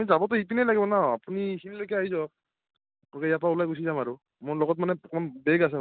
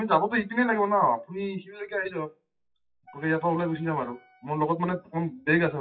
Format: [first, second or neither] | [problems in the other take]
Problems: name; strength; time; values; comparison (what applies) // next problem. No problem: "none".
first | noise reduction (classical method WPE with log-MMSE)